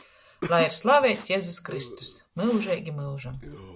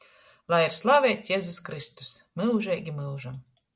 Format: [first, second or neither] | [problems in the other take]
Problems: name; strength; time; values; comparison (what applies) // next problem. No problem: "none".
second | background sound (Respiratory sounds); 14 dB below the speech